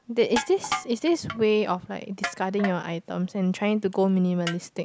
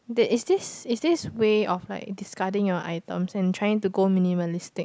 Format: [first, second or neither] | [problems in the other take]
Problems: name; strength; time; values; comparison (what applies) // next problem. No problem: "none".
second | background sound (Crushing); 12 dB below the speech